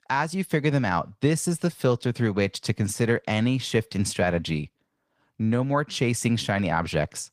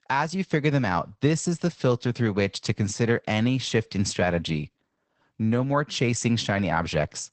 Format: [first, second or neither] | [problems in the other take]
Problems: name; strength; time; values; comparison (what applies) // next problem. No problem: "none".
first | garbled, watery; badly; nothing above 8 kHz; slightly in the first